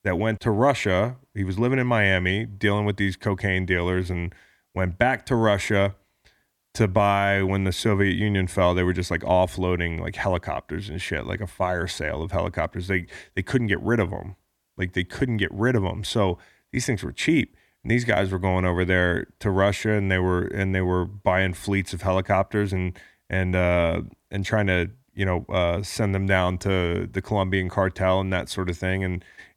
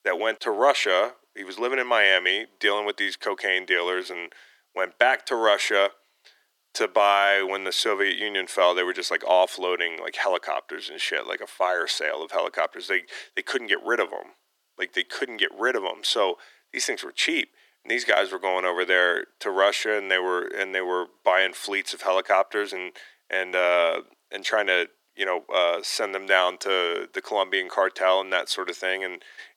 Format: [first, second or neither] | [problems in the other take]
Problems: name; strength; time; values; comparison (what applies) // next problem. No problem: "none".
first | thin; very; fading below 400 Hz